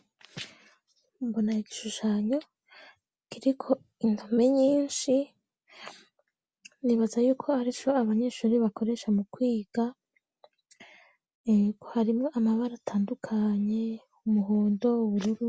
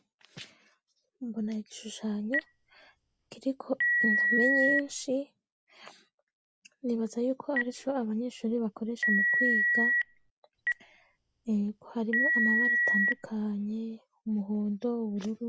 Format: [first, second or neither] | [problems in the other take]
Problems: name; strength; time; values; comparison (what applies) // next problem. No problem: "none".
first | background sound (Telephone); 4 dB above the speech